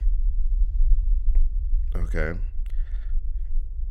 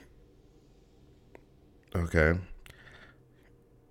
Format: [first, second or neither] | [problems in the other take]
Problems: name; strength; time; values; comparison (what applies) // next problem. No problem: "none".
second | low rumble; faint; throughout; 20 dB below the speech